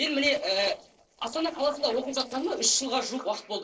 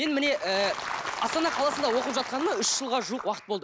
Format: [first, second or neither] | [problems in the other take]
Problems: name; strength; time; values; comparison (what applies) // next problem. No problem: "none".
second | noise reduction (neural separator model SepFormer DNS4)